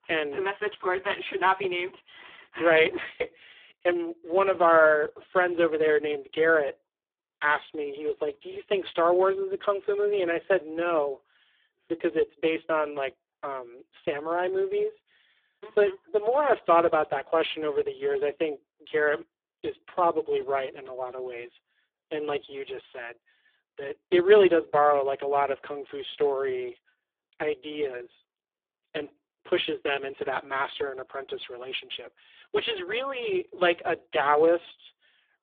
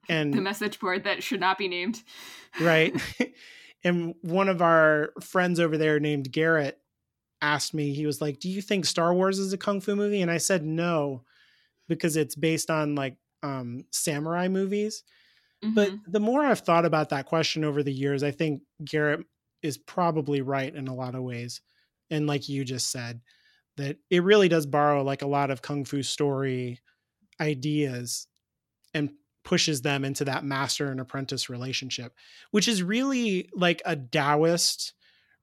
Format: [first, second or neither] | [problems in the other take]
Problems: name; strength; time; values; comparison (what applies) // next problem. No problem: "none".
second | phone-call audio; poor line